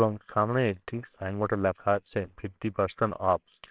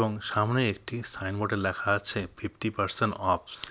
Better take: second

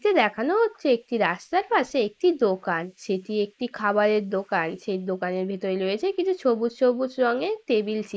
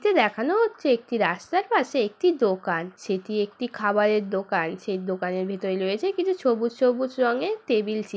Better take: second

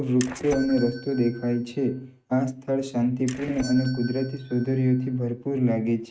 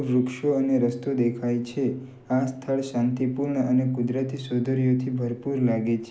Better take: second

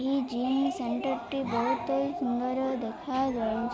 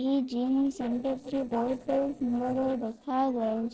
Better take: first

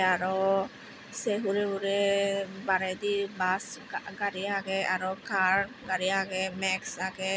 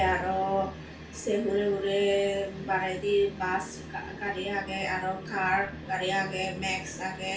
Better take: first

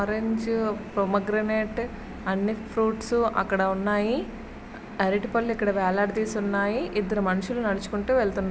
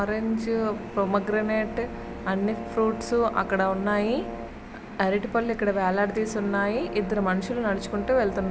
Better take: first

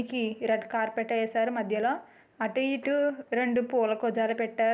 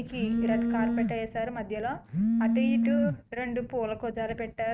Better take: first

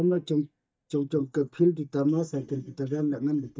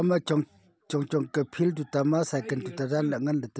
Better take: second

